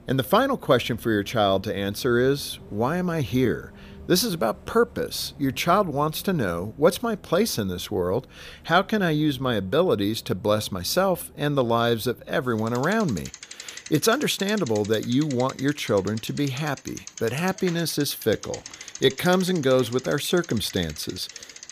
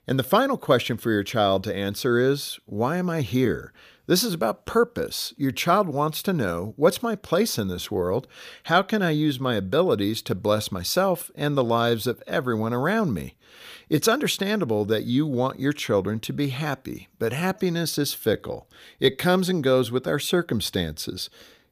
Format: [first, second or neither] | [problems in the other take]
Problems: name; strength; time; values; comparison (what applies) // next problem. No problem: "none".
second | traffic noise; noticeable; throughout; 20 dB below the speech